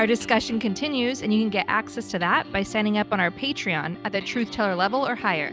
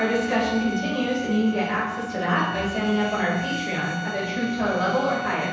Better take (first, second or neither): first